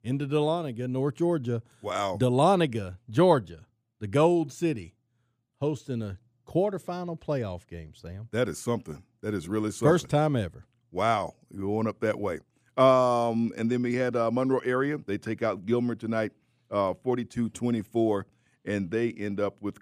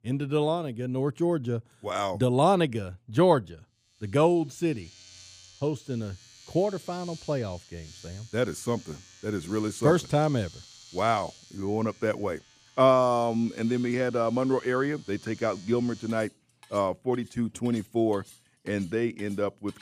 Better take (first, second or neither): first